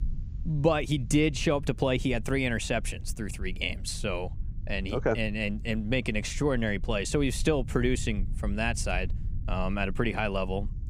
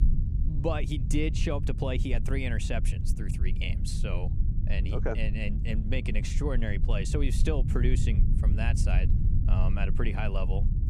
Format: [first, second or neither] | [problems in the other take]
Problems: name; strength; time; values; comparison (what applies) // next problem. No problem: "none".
first | low rumble; loud; throughout; 8 dB below the speech; faint in the first